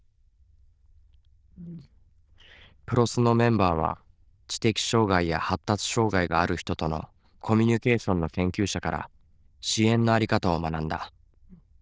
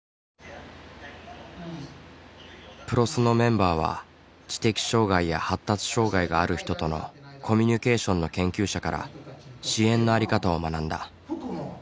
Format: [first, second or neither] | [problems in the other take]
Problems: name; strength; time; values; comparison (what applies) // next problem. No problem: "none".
second | noise reduction (neural diffusion model UNIVERSE++)